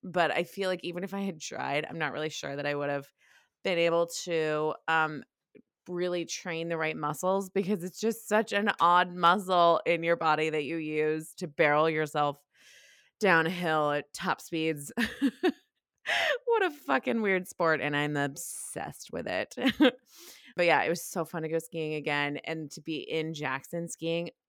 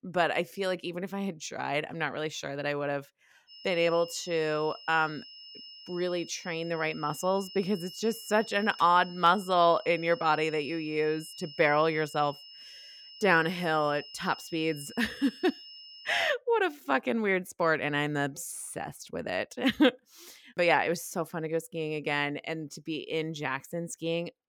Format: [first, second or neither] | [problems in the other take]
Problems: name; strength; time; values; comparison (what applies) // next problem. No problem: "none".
first | high-pitched whine; noticeable; from 3.5 to 16 s; 5 kHz, 15 dB below the speech